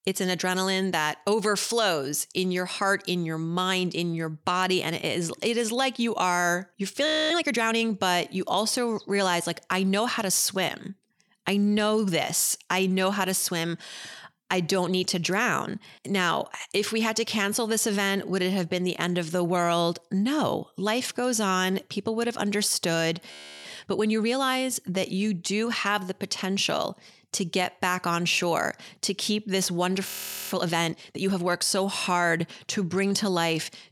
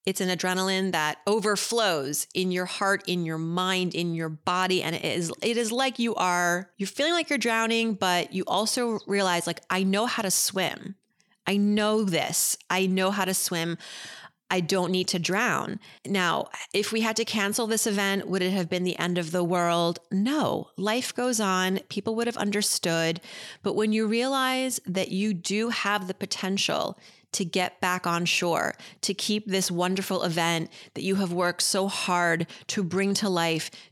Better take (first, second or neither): second